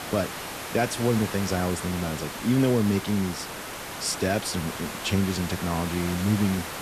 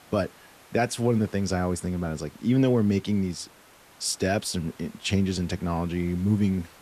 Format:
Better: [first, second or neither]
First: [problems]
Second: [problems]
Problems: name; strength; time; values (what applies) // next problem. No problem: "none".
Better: second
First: hiss; loud; throughout; 7 dB below the speech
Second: hiss; faint; throughout; 25 dB below the speech